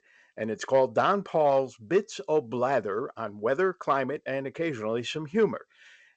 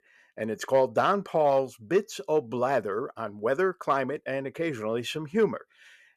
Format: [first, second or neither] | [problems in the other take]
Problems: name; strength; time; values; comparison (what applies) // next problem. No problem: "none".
second | garbled, watery; slightly; nothing above 7.5 kHz